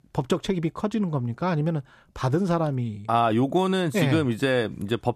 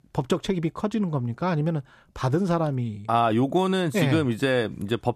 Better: neither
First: none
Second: none

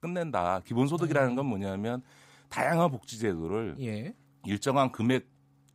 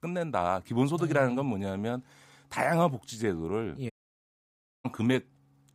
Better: first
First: none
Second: audio cutting out; at 4 s for 1 s

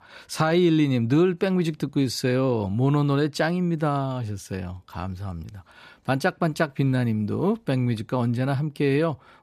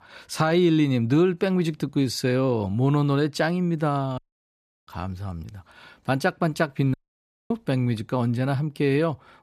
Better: first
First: none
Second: audio cutting out; at 4 s for 0.5 s and at 7 s for 0.5 s

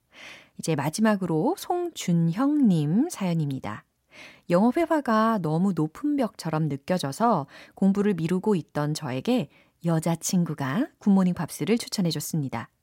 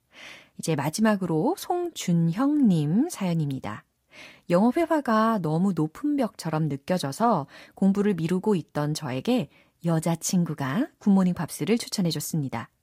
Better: first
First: none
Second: garbled, watery; slightly; nothing above 15 kHz

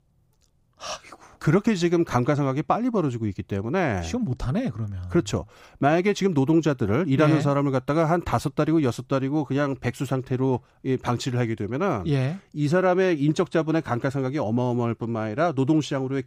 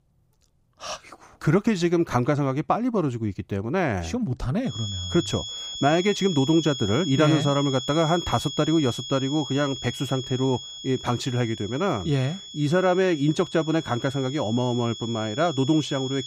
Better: first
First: none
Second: high-pitched whine; loud; from 4.5 s on; 3.5 kHz, 9 dB below the speech

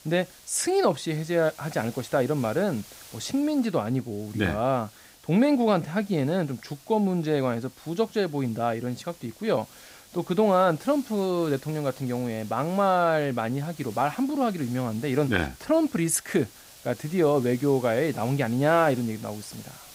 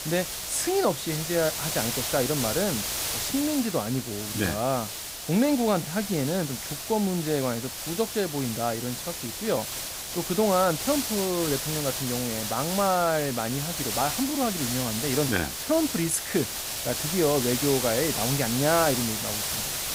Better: first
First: hiss; faint; throughout; 20 dB below the speech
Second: hiss; loud; throughout; 2 dB below the speech

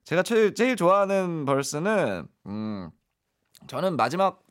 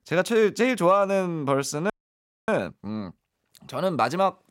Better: first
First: none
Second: audio freezing; at 2 s for 0.5 s

